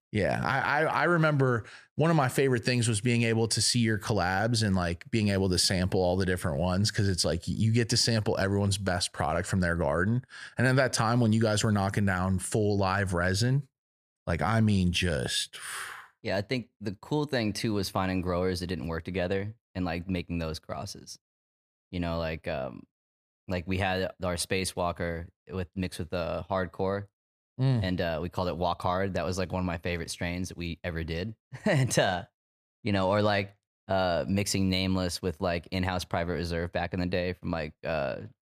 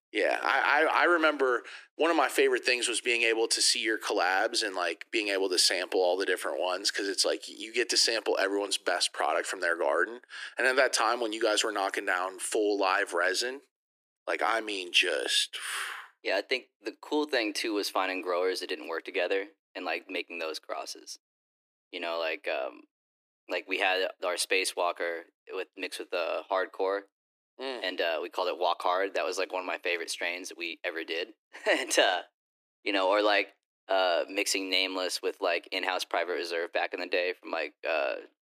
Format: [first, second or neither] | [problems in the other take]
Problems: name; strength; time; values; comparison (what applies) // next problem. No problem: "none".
first | thin; very; fading below 300 Hz